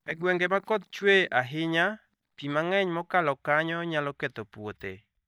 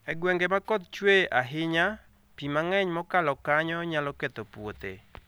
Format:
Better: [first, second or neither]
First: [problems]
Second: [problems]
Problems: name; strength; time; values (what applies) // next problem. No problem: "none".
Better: second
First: noise reduction (neural mask model DeepFilterNet 3)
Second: none